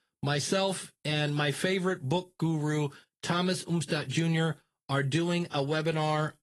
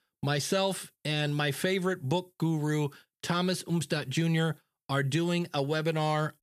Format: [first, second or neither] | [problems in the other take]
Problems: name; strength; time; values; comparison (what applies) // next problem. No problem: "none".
second | garbled, watery; slightly; nothing above 11 kHz